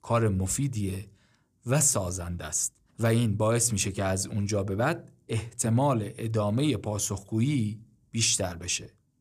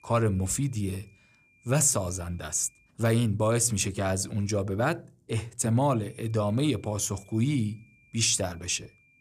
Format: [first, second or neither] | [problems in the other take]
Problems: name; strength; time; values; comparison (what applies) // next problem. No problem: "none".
first | high-pitched whine; faint; until 3 s and from 6 s on; 2.5 kHz, 35 dB below the speech